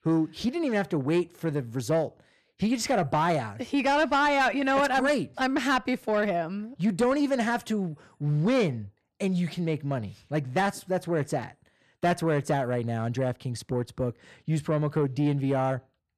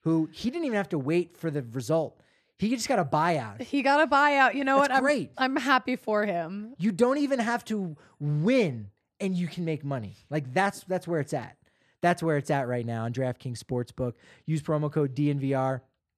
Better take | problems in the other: second | distortion; slight; 10 dB below the speech

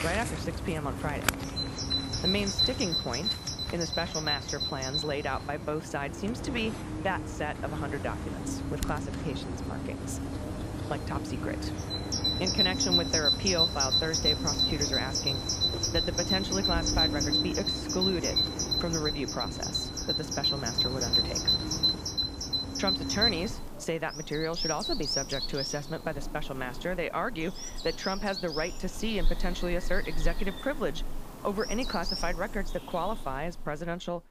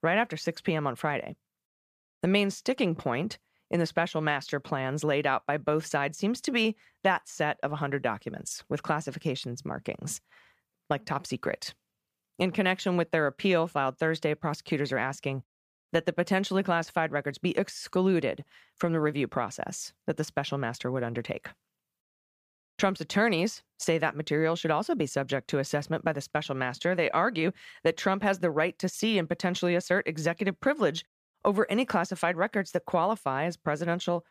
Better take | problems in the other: second | animal sounds; very loud; throughout; 5 dB above the speech

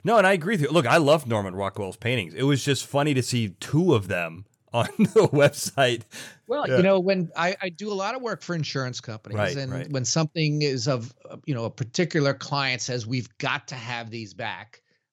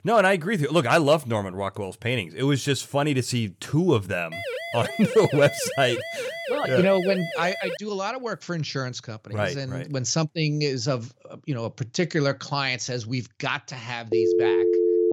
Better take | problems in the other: first | siren; noticeable; from 4.5 to 8 s; peak 6 dB below the speech // phone ringing; loud; from 14 s on; peak 4 dB above the speech

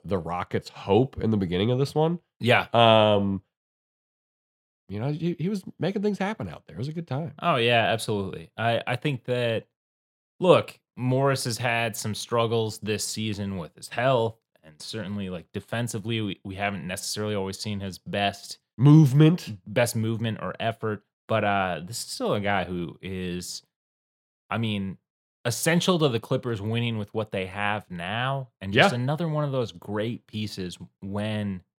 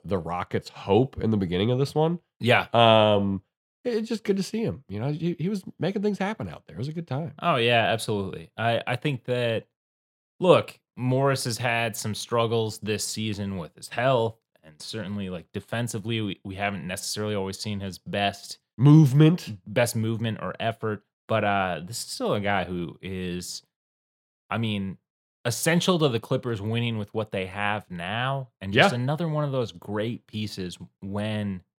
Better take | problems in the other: second | audio cutting out; at 4 s for 1 s

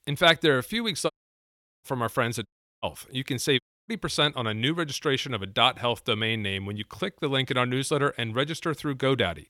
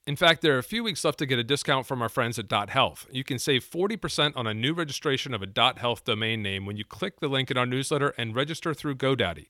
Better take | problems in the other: second | audio cutting out; at 1 s for 0.5 s, at 2.5 s and at 3.5 s

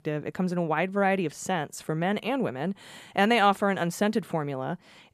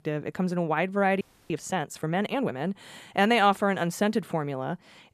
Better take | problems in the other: first | audio freezing; at 1 s

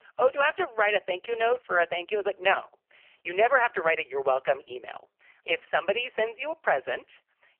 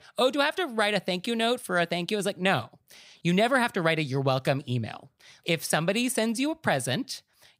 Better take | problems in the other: second | phone-call audio; poor line; nothing above 3 kHz

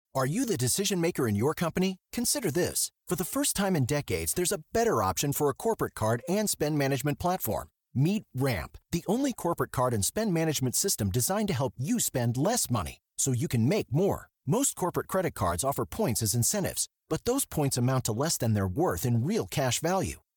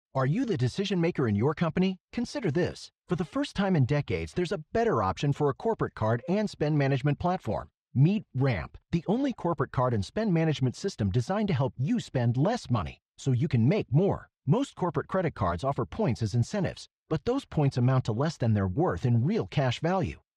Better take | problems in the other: first | muffled; slightly; fading above 3.5 kHz

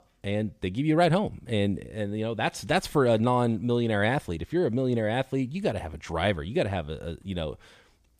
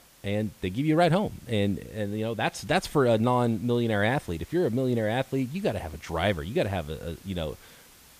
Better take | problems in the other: first | hiss; faint; throughout; 25 dB below the speech

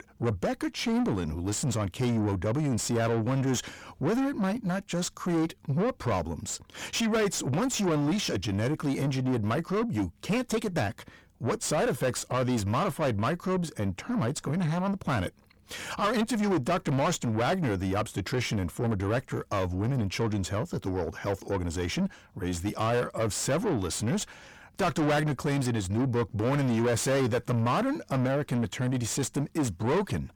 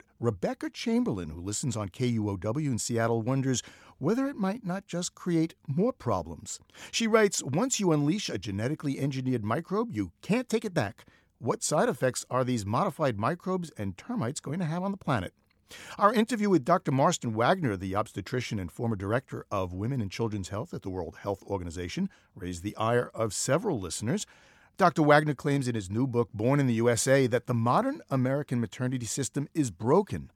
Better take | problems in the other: second | distortion; heavy; 6 dB below the speech

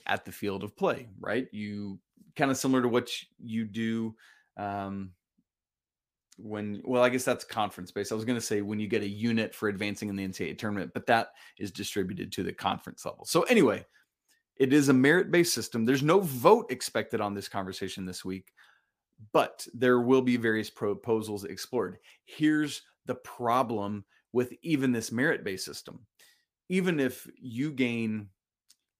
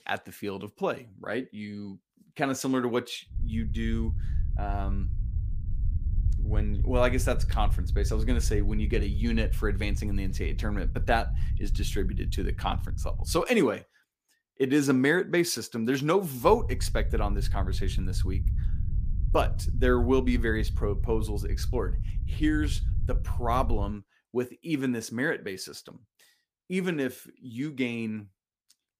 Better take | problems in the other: first | low rumble; noticeable; from 3.5 to 13 s and from 16 to 24 s; 20 dB below the speech

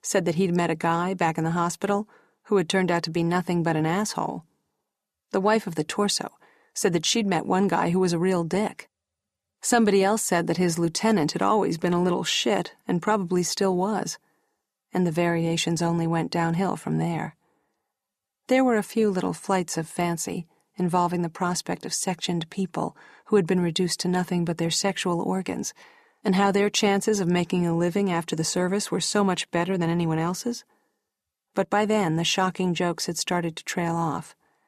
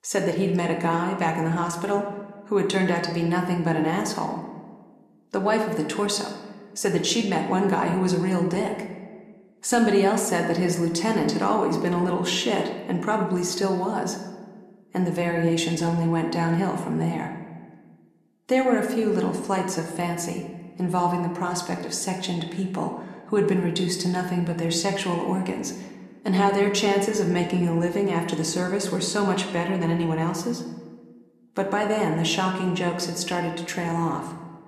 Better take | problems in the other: first | room echo; slight; dies away in 1 s

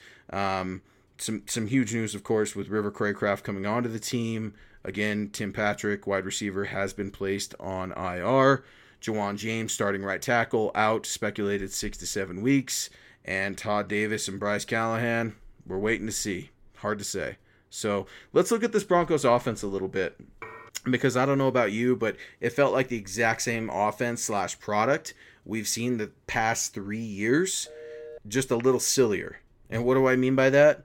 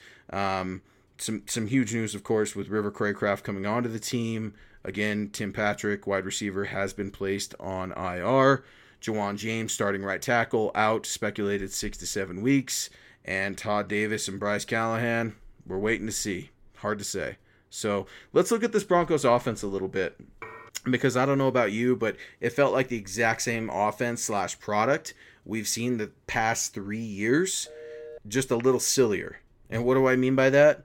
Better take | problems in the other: neither | clattering dishes; faint; at 20 s; peak 15 dB below the speech; the same in both // phone ringing; faint; at 28 s; peak 15 dB below the speech; the same in both

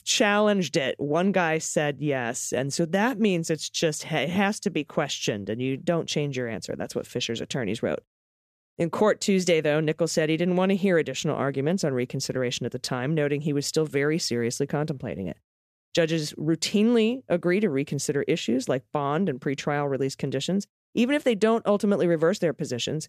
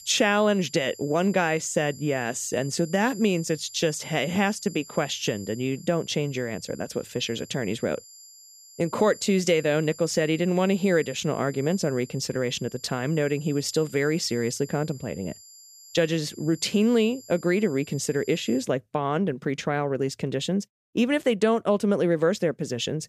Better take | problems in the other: first | high-pitched whine; noticeable; until 19 s; 7.5 kHz, 20 dB below the speech

